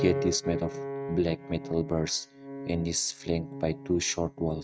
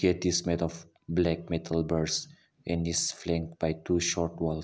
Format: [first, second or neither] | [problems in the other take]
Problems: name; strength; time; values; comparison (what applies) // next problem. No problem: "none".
second | noise reduction (neural mask model RNNoise)